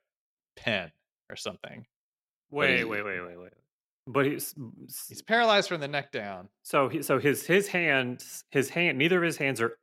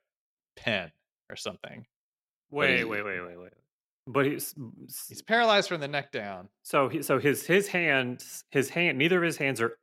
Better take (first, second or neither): neither